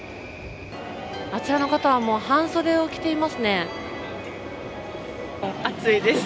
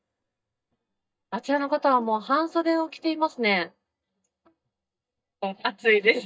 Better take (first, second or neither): first